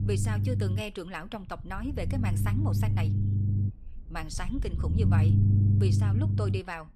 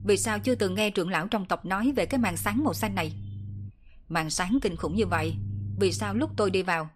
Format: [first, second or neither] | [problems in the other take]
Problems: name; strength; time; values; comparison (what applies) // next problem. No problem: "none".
second | low rumble; loud; throughout; 2 dB below the speech; faint in the second